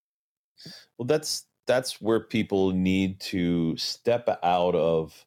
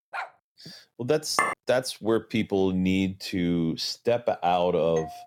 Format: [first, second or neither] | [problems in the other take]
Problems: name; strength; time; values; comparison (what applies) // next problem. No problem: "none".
first | dog barking; faint; at the start; peak 10 dB below the speech // clattering dishes; noticeable; at 1.5 s; peak 1 dB below the speech // doorbell; very faint; at 5 s; peak 15 dB below the speech